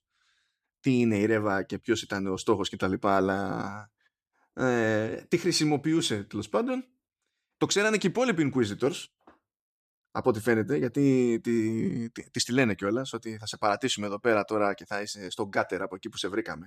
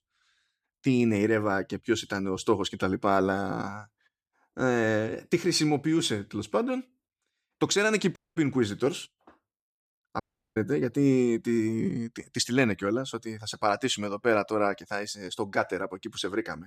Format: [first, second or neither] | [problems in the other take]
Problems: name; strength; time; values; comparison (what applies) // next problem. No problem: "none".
first | audio cutting out; at 8 s and at 10 s